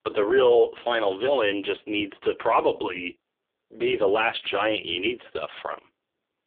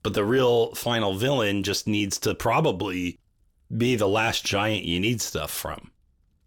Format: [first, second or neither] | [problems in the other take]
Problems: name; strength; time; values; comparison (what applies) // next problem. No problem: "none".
second | phone-call audio; poor line